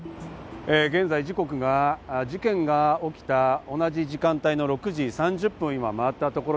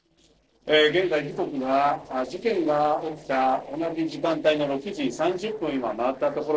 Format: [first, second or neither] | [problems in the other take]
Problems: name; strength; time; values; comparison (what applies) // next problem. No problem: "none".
first | noise reduction (neural separator model SepFormer DNS4)